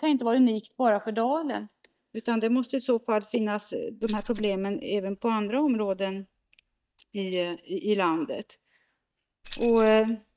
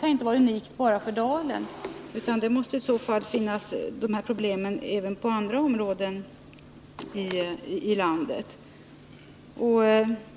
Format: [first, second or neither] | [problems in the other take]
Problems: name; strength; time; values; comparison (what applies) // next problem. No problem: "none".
second | noise reduction (neural mask model DeepFilterNet 3)